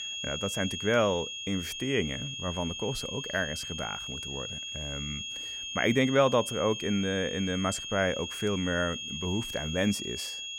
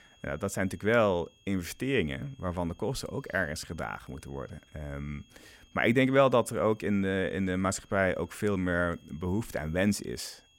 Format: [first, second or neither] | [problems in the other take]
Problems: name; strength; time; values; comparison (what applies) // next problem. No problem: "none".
second | high-pitched whine; loud; throughout; 3 kHz, 5 dB below the speech; faint in the second